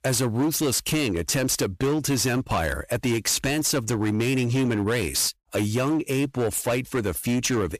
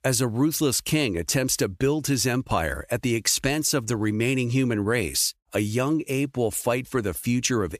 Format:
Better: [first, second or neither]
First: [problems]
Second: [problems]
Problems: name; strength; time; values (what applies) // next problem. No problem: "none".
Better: second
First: distortion; slight; 18% of the sound clipped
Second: none